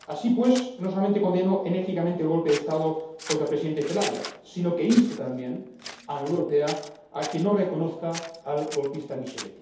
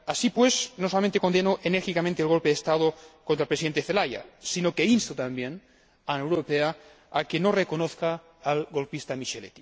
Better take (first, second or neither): second